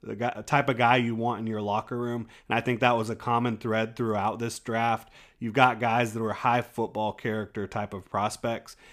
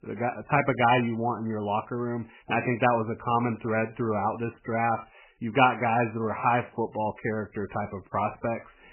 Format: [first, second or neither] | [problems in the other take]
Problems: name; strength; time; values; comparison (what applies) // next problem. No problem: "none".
first | garbled, watery; badly; nothing above 2.5 kHz